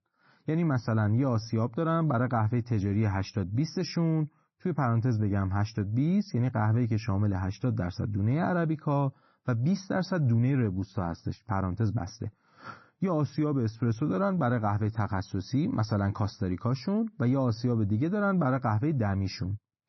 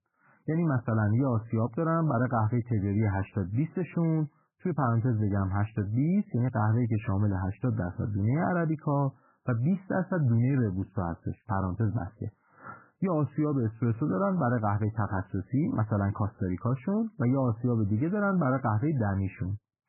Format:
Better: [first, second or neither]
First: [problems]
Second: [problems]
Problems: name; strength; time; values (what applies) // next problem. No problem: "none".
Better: first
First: garbled, watery; slightly; nothing above 6 kHz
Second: garbled, watery; badly; nothing above 2.5 kHz